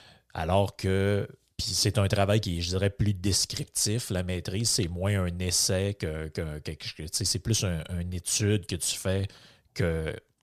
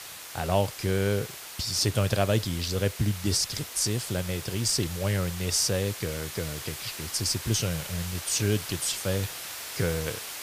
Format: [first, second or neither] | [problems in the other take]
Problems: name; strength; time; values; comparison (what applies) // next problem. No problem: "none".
first | hiss; loud; throughout; 9 dB below the speech